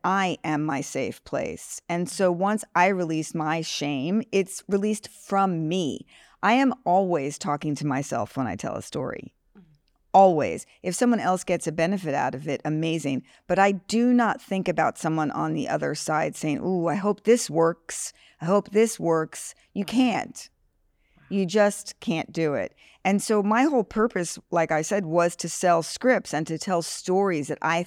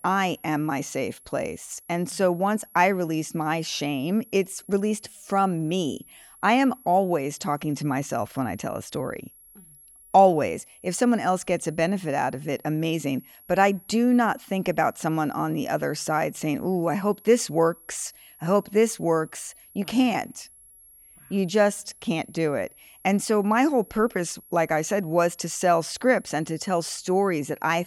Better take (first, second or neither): first